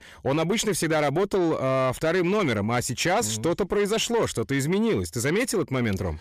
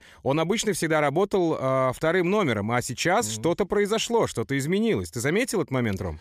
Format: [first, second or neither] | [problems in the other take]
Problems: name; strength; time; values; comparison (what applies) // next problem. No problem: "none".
second | distortion; slight; 10 dB below the speech